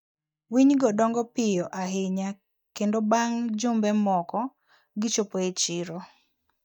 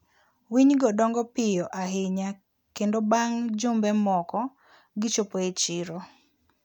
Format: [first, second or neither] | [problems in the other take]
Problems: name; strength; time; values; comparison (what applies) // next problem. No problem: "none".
second | noise reduction (neural mask model DeepFilterNet 3)